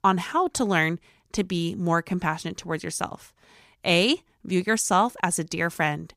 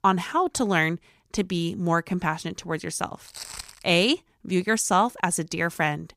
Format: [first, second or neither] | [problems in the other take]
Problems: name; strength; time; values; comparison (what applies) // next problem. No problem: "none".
first | footsteps; faint; at 3.5 s; peak 10 dB below the speech